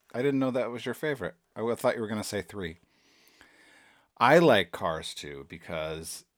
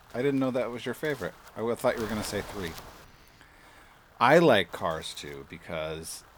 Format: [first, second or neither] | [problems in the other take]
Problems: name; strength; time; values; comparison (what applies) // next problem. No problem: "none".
first | wind noise on the microphone; occasional gusts; 20 dB below the speech